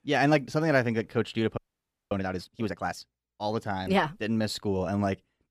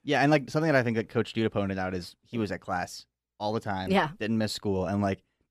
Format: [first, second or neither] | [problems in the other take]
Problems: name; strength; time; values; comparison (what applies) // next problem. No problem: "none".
second | audio freezing; at 1.5 s for 0.5 s